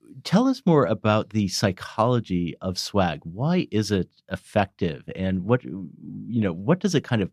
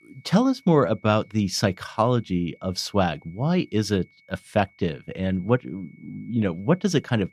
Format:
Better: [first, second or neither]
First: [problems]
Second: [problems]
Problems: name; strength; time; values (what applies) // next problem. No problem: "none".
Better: first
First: none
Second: high-pitched whine; faint; throughout; 2 kHz, 30 dB below the speech